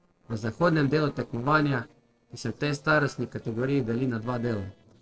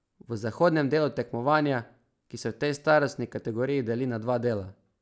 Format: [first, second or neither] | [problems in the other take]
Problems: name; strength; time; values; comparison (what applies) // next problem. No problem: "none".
second | noise reduction (neural separator model SepFormer DNS4)